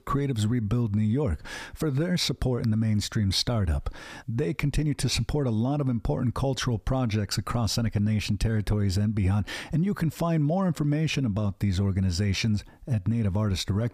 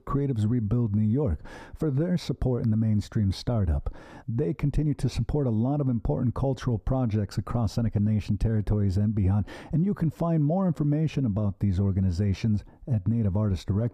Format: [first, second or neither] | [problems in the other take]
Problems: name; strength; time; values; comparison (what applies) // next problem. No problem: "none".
first | muffled; slightly; fading above 1.5 kHz